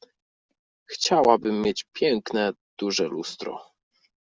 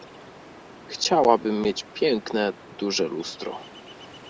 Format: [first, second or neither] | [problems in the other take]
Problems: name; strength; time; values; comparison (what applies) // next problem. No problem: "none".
first | background sound (Ocean); 19 dB below the speech